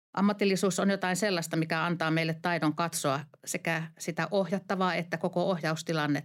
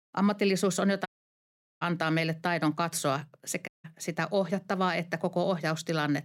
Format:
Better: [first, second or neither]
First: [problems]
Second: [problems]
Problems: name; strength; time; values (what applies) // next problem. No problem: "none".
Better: first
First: none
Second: audio cutting out; at 1 s for 1 s and at 3.5 s